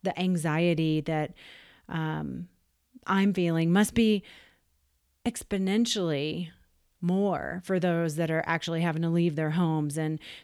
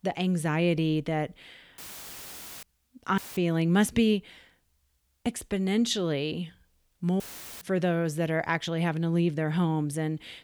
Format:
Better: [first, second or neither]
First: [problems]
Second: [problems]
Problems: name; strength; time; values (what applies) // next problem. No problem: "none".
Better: first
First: none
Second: audio cutting out; filled with static; at 2 s for 1 s, at 3 s and at 7 s